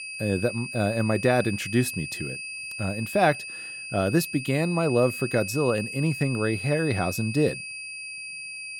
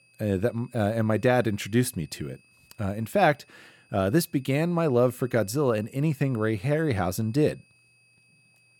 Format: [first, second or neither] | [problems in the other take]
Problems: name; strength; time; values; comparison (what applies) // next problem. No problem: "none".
second | high-pitched whine; loud; throughout; 2.5 kHz, 8 dB below the speech; faint in the second